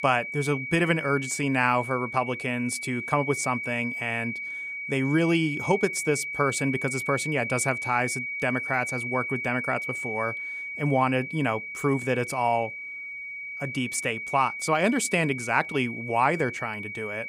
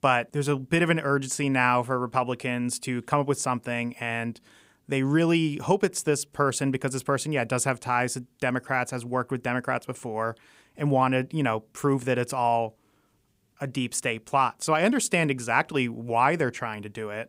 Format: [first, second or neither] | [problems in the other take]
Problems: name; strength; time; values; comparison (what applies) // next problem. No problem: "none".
second | high-pitched whine; loud; throughout; 2.5 kHz, 5 dB below the speech